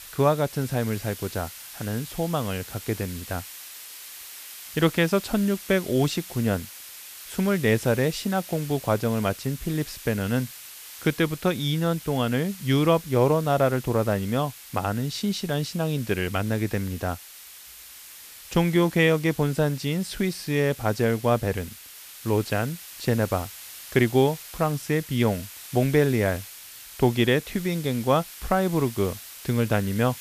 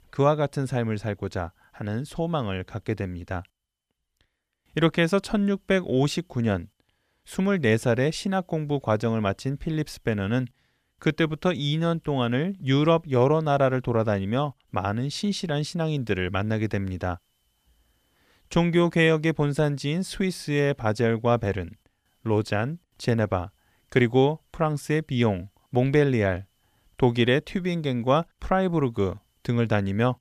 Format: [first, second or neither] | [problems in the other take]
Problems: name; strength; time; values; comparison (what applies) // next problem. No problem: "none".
second | hiss; noticeable; throughout; 15 dB below the speech